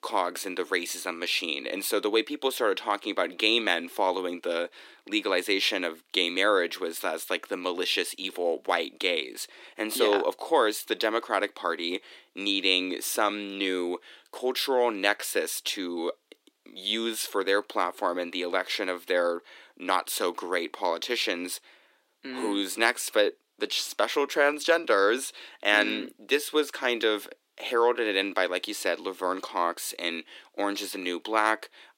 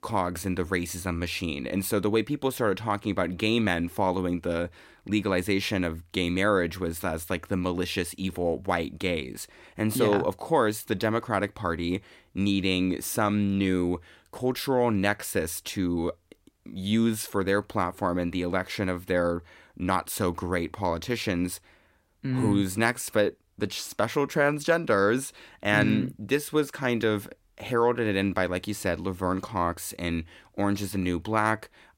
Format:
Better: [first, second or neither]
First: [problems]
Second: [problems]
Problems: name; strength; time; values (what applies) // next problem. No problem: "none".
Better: second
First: thin; somewhat; fading below 300 Hz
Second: none